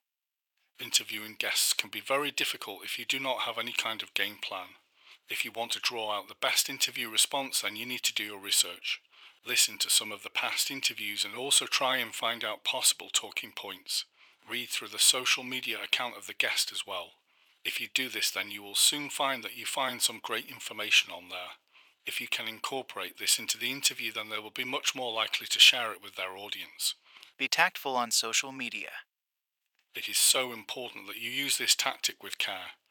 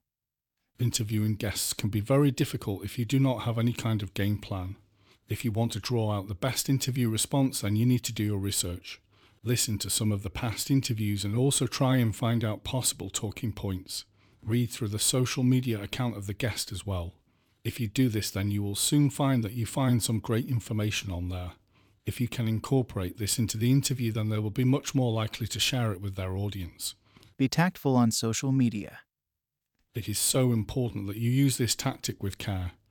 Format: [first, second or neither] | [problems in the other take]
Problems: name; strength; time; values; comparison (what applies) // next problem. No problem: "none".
second | thin; very; fading below 850 Hz